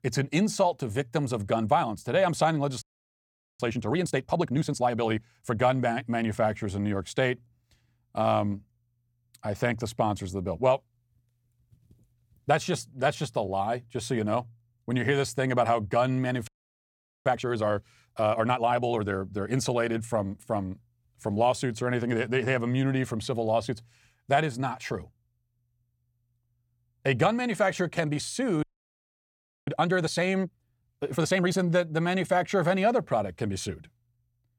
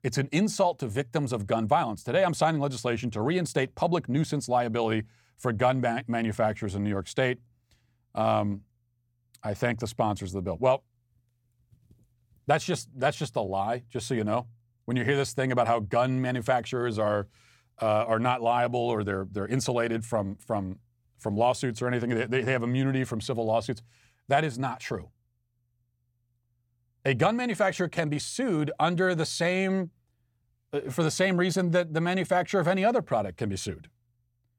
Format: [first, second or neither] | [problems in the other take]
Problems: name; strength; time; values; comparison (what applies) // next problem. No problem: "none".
second | audio freezing; at 3 s for 1 s, at 16 s for 1 s and at 29 s for 1 s